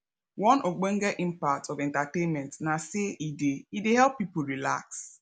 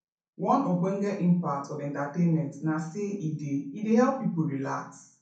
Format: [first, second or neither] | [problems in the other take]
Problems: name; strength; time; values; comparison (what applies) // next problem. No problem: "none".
first | room echo; dies away in 0.6 s